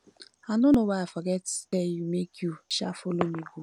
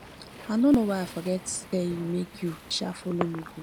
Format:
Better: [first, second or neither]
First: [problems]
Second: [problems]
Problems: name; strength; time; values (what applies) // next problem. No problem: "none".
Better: first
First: none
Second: background sound (Waves, surf); 17 dB below the speech